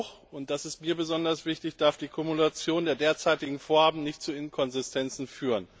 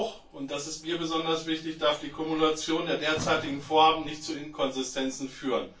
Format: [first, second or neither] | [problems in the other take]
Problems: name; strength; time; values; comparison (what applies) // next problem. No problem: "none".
first | background sound (Sliding door); 19 dB below the speech // room echo; dies away in 0.2 s